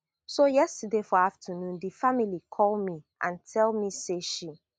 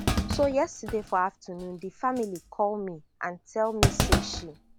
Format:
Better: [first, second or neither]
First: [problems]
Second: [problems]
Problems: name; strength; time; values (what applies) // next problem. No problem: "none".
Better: first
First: none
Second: background sound (Thump, thud); 1 dB below the speech